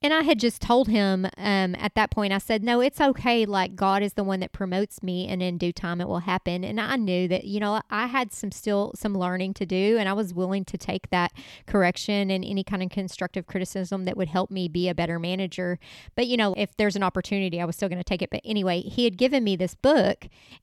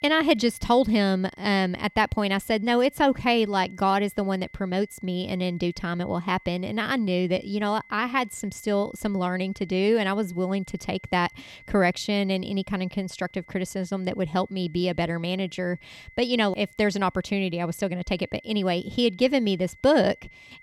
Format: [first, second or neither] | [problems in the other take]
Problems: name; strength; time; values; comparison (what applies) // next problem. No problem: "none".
first | high-pitched whine; faint; throughout; 2 kHz, 25 dB below the speech